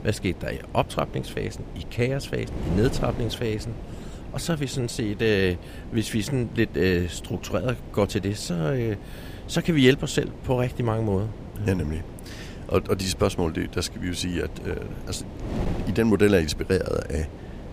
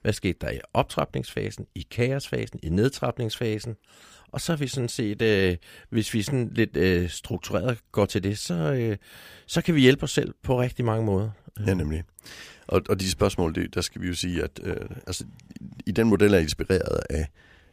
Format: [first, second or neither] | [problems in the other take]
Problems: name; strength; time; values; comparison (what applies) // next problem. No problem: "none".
second | wind noise on the microphone; occasional gusts; 15 dB below the speech